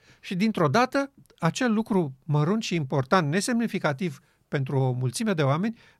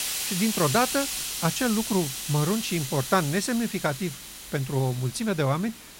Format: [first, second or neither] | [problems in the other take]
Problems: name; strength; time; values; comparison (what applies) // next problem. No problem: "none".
first | hiss; loud; throughout; 4 dB below the speech